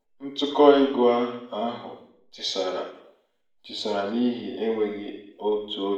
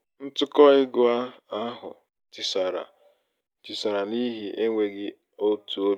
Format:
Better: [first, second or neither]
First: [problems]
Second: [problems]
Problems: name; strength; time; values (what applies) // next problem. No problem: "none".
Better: second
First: room echo; dies away in 0.7 s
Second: none